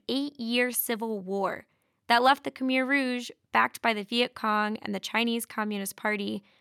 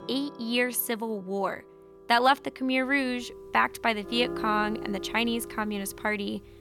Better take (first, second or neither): first